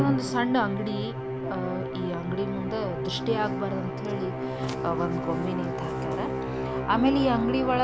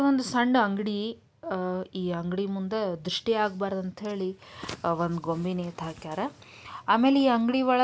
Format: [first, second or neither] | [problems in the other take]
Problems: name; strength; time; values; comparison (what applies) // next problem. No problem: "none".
second | background sound (Musical instrument); 2 dB below the speech